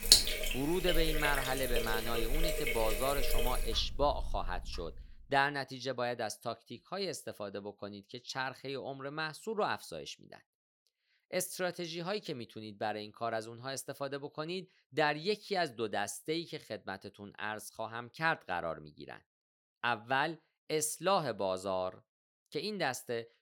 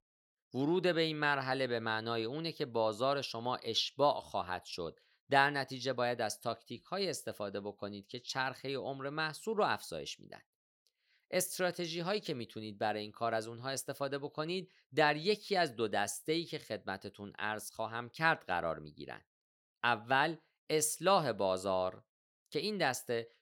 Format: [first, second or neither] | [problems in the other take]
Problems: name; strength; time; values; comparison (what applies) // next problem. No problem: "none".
second | household noises; very loud; until 5 s; 2 dB above the speech